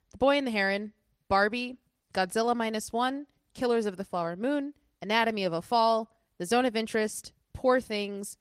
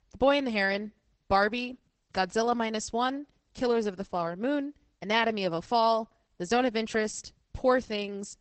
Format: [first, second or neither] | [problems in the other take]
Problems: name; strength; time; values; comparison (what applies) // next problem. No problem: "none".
first | garbled, watery; badly; nothing above 8 kHz; slightly in the first